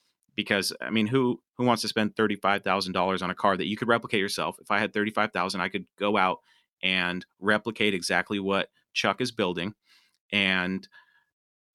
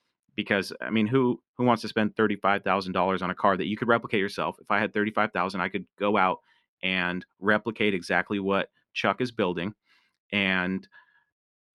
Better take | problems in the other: first | muffled; slightly; fading above 3.5 kHz

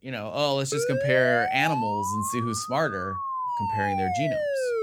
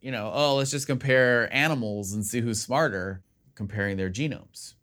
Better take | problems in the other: second | siren; loud; from 0.5 s on; peak level with the speech

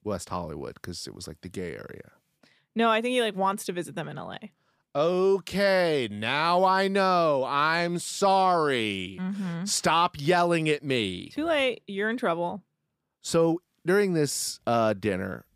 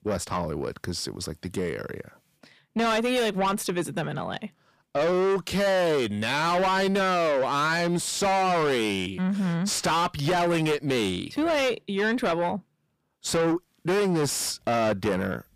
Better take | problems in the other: first | distortion; heavy; 6 dB below the speech

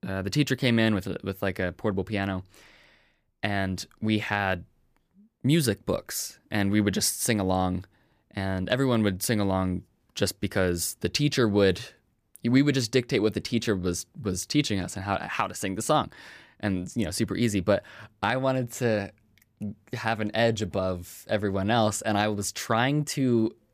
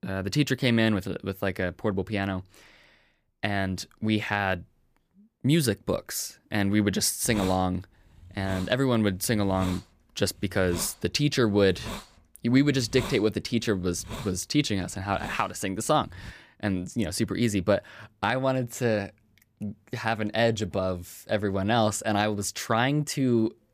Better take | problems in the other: first | hiss; noticeable; from 7 to 16 s; 15 dB below the speech

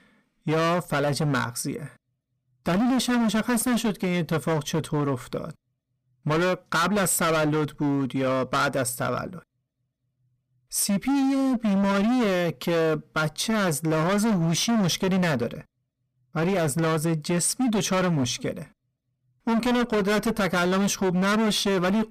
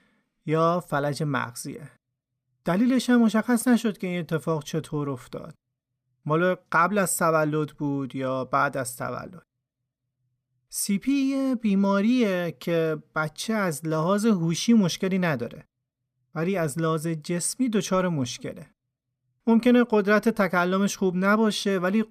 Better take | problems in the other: second | distortion; heavy; 25% of the sound clipped

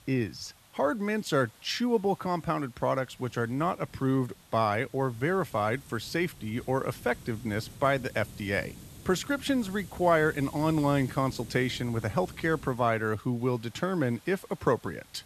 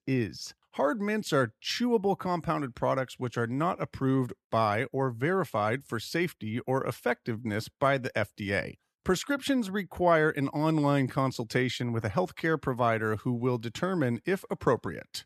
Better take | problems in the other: second | hiss; noticeable; throughout; 20 dB below the speech

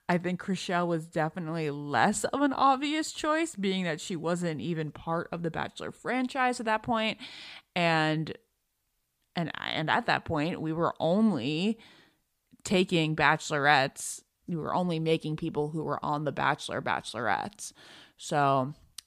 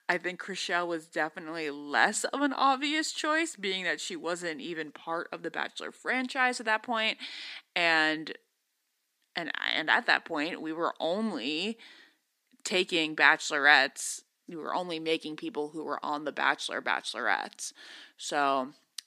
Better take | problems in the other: first | thin; somewhat; fading below 250 Hz

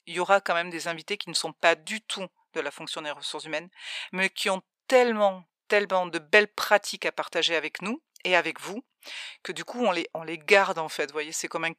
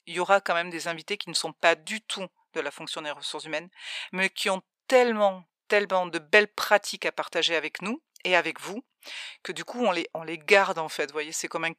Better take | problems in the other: neither | thin; very; fading below 550 Hz; the same in both

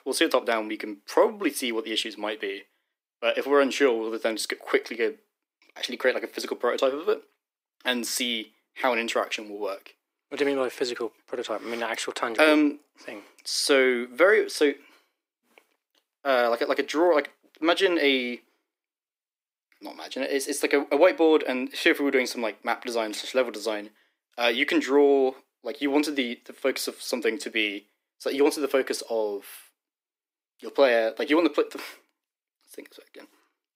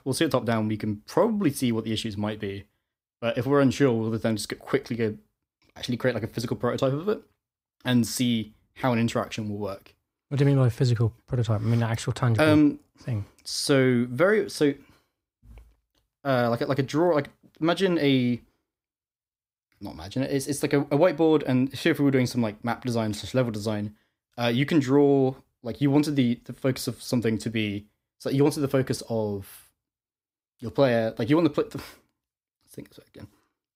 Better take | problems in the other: second | thin; somewhat; fading below 300 Hz

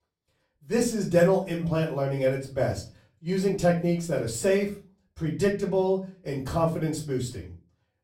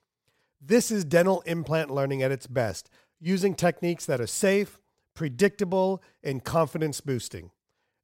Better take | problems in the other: second | off-mic speech; far // room echo; slight; dies away in 0.3 s

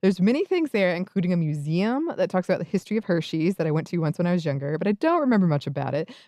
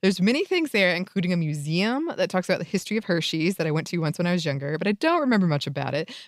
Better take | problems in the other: second | muffled; slightly; fading above 1.5 kHz

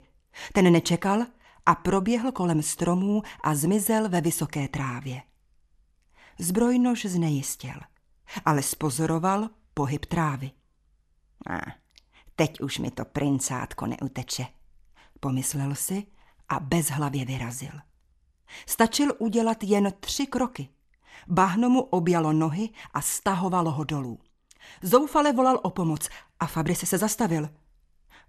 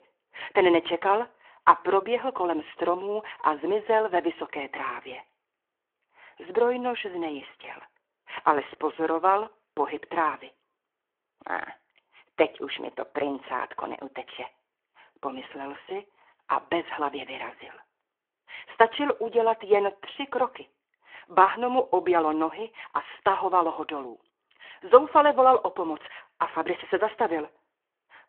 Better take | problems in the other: first | phone-call audio

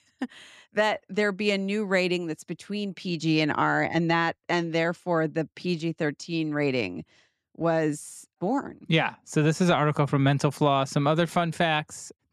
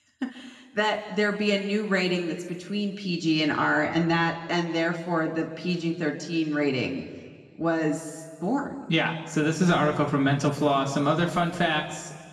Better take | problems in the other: first | room echo; slight; dies away in 1.5 s // off-mic speech; somewhat distant

